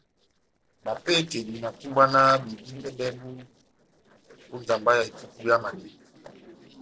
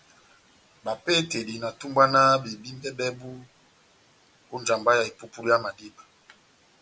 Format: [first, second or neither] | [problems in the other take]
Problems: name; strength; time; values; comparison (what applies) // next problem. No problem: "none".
second | noise reduction (neural separator model SepFormer DNS4)